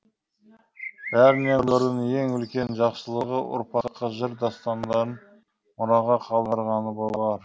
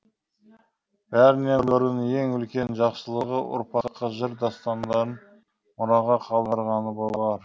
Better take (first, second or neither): second